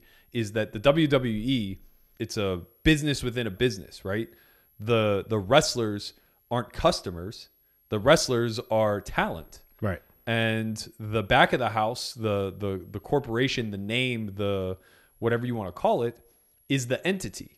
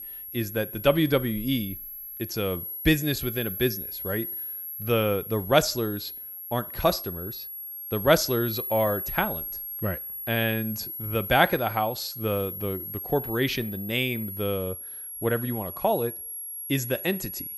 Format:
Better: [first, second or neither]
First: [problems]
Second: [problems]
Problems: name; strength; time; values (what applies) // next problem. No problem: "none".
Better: first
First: high-pitched whine; faint; throughout; 11.5 kHz, 35 dB below the speech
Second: high-pitched whine; loud; throughout; 11.5 kHz, 7 dB below the speech